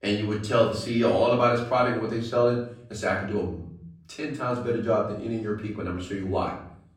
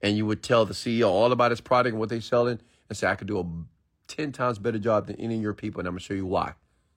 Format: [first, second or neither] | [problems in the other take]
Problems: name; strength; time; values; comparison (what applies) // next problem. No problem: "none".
second | off-mic speech; far // room echo; slight; dies away in 0.5 s